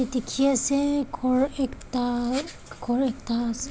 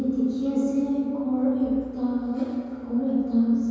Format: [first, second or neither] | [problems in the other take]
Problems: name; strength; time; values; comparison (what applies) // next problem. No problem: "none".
first | room echo; dies away in 2.2 s